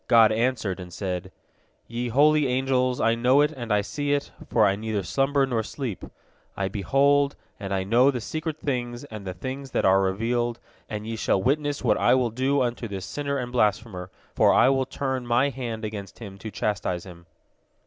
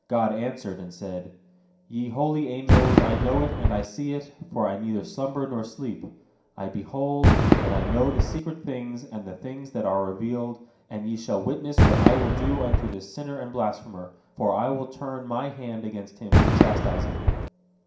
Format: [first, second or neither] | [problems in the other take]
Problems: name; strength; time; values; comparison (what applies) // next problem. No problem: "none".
first | background sound (Fireworks); 3 dB above the speech // room echo; dies away in 0.5 s